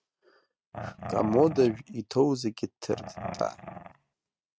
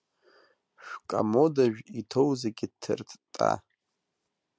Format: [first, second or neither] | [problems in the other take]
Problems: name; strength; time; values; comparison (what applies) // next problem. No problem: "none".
second | noise reduction (neural mask model RNNoise)